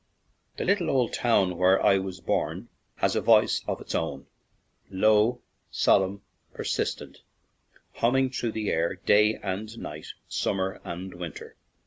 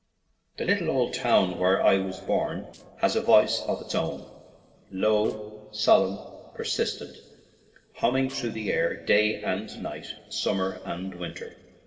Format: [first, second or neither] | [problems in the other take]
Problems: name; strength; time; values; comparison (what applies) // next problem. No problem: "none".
first | noise reduction (neural separator model SepFormer DNS4)